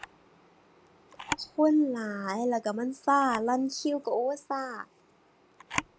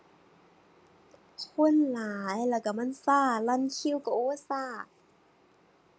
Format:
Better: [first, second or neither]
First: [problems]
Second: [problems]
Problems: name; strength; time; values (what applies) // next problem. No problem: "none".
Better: second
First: background sound (Camera); 13 dB below the speech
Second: none